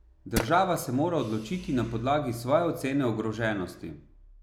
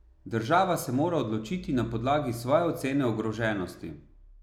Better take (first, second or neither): second